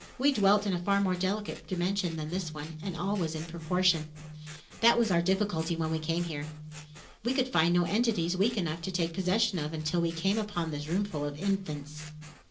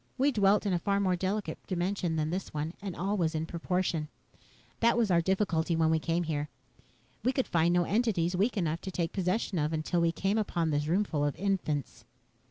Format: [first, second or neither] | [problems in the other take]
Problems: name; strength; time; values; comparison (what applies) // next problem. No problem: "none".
second | background sound (Scissors); 20 dB below the speech // room echo; dies away in 0.2 s